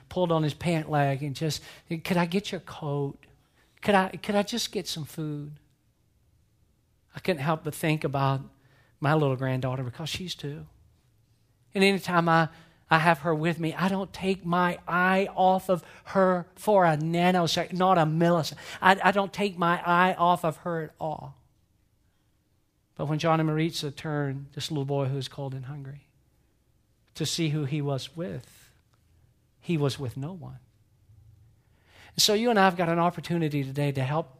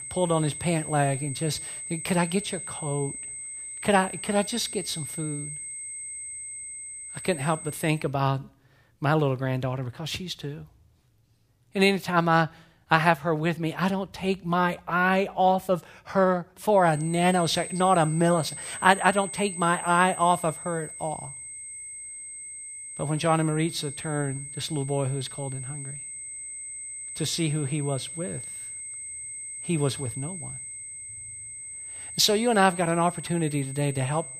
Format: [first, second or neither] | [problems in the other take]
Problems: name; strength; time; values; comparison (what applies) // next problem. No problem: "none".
first | high-pitched whine; loud; until 8 s and from 17 s on; 8 kHz, 9 dB below the speech